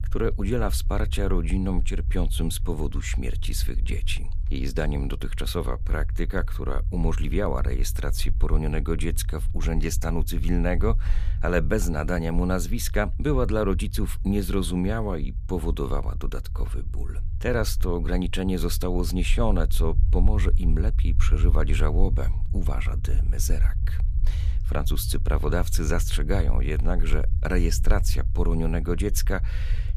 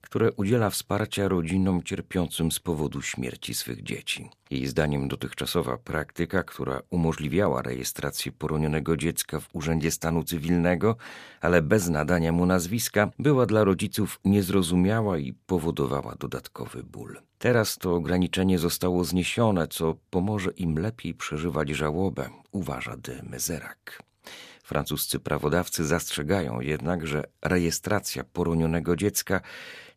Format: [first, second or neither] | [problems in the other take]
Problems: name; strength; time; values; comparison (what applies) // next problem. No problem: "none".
second | low rumble; noticeable; throughout; 15 dB below the speech